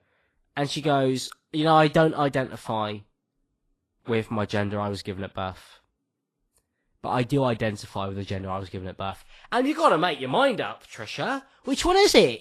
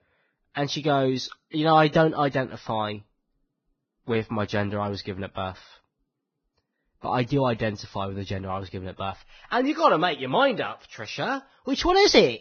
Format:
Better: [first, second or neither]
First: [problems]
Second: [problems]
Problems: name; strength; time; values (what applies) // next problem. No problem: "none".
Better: first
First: garbled, watery; slightly; nothing above 14 kHz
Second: garbled, watery; badly; nothing above 6 kHz